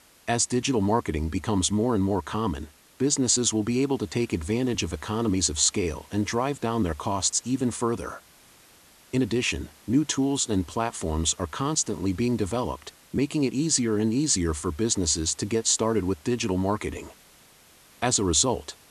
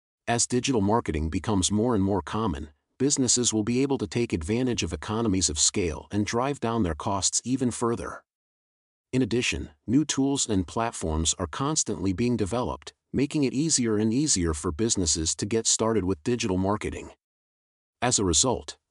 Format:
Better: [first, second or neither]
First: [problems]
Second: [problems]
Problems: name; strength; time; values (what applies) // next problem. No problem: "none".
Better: second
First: hiss; faint; throughout; 25 dB below the speech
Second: none